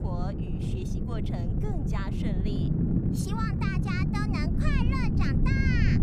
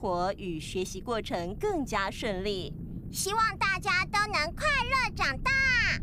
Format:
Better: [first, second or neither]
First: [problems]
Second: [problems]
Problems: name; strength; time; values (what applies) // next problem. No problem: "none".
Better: second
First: low rumble; loud; throughout; 1 dB below the speech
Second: low rumble; faint; throughout; 25 dB below the speech